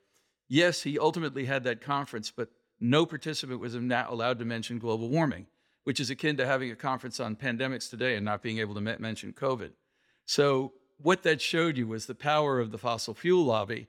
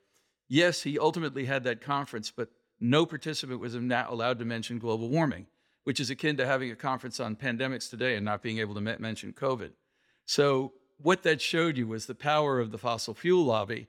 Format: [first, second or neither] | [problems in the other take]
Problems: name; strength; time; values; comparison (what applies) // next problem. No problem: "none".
neither | none